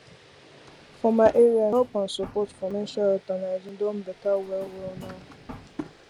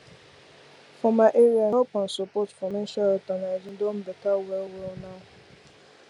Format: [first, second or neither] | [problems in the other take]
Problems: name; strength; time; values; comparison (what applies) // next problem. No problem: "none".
second | background sound (Drawer open or close / Wood + Drawer open or close); 19 dB below the speech